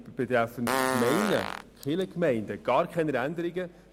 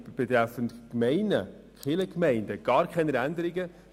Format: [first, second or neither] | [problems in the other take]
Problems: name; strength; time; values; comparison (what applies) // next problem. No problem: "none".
second | background sound (Fart); 4 dB below the speech